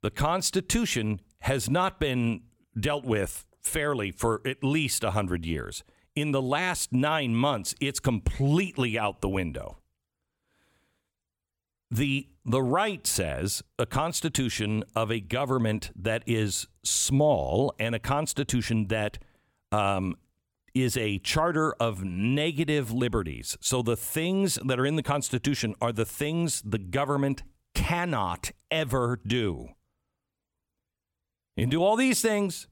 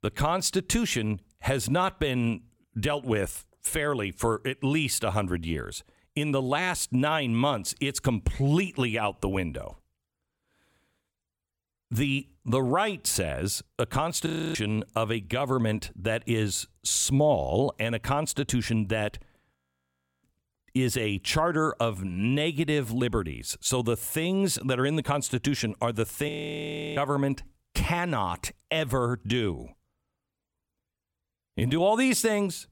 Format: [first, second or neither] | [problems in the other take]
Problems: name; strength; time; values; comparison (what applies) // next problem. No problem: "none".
first | audio freezing; at 14 s, at 20 s for 0.5 s and at 26 s for 0.5 s